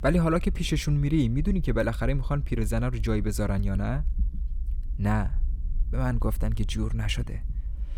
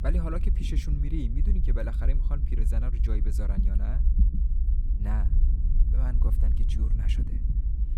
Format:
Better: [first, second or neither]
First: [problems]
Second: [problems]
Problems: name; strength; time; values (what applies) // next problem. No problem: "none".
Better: first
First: low rumble; faint; throughout; 20 dB below the speech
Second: low rumble; loud; throughout; 4 dB below the speech